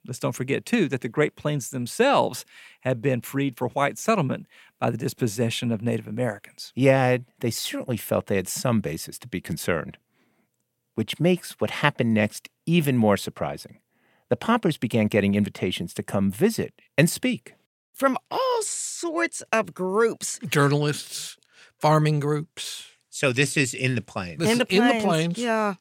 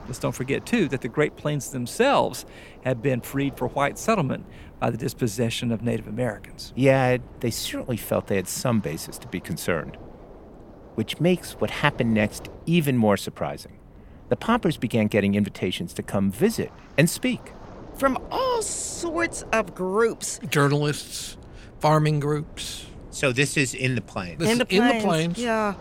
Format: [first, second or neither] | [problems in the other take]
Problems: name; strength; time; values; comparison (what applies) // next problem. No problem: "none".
first | wind noise on the microphone; occasional gusts; 20 dB below the speech